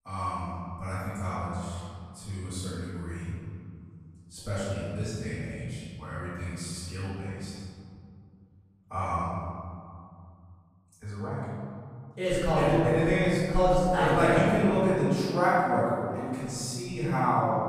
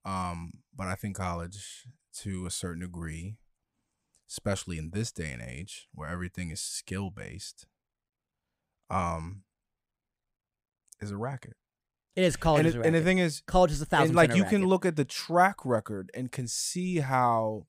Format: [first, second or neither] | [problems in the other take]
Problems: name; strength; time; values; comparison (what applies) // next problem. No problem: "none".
second | off-mic speech; far // room echo; strong; dies away in 2.4 s